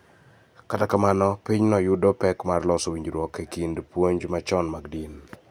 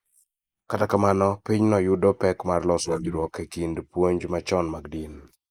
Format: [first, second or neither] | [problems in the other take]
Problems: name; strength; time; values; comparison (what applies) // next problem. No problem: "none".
first | noise reduction (neural mask model Resemble Enhance denoiser)